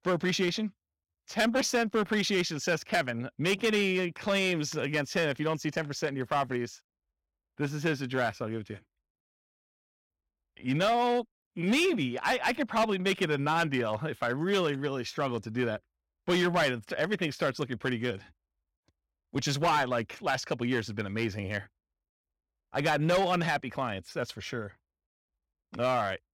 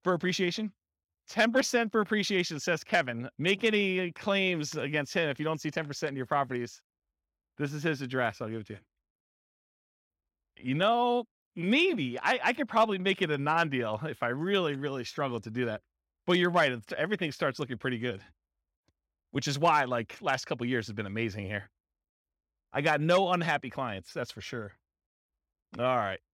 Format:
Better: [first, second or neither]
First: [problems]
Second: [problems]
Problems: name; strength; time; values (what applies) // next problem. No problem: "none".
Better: second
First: distortion; slight; 5% of the sound clipped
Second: none